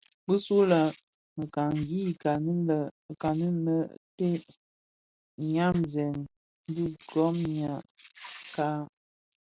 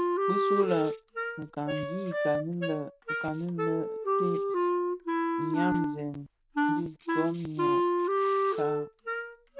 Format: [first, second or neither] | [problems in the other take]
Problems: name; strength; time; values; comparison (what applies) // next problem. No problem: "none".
first | background sound (Wind instrument, woodwind instrument); 5 dB above the speech